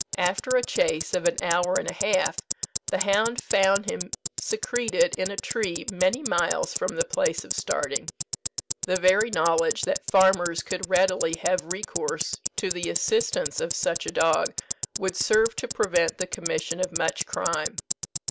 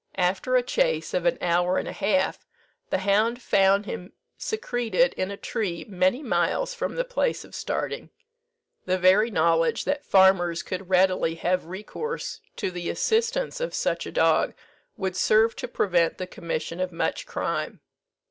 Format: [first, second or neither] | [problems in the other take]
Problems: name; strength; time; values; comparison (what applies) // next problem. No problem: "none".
second | background sound (Tick-tock); 7 dB below the speech